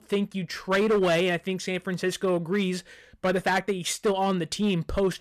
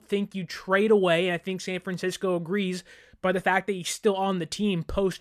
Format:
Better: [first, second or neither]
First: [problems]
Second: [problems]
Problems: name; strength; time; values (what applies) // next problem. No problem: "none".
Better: second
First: distortion; slight; 7% of the sound clipped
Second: none